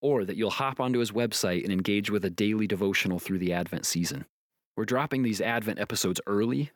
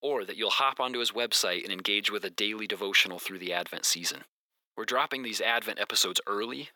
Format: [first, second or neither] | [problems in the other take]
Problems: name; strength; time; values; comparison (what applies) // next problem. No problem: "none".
first | thin; very; fading below 550 Hz